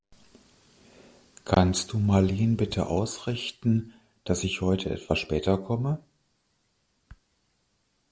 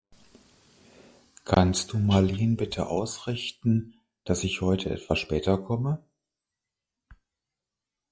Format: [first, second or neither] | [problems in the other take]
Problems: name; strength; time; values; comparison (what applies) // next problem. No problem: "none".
first | noise reduction (classical method log-MMSE)